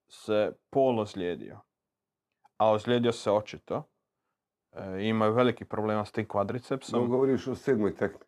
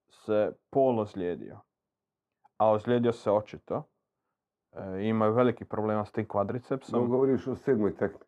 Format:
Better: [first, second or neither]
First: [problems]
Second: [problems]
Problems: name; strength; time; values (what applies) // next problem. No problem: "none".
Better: first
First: none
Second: muffled; slightly; fading above 2 kHz